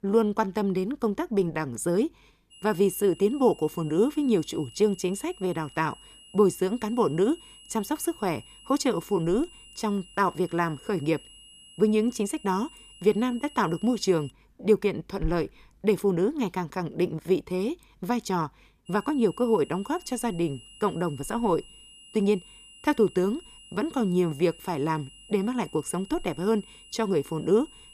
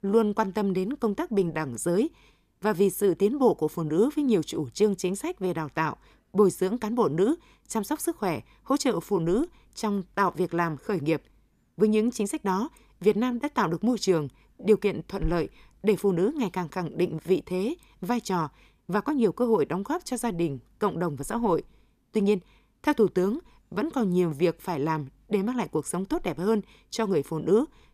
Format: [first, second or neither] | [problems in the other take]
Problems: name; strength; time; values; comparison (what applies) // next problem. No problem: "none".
second | high-pitched whine; faint; from 2.5 to 14 s and from 19 s on; 3 kHz, 20 dB below the speech